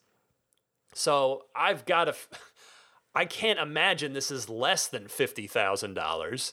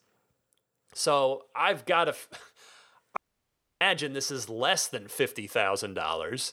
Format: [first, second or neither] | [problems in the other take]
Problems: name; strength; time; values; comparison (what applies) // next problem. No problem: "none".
first | audio cutting out; at 3 s for 0.5 s